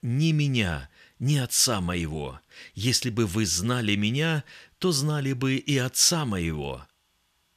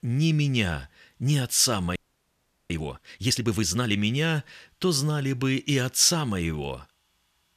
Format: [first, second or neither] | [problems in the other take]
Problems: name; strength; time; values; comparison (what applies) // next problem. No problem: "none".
first | audio freezing; at 2 s for 0.5 s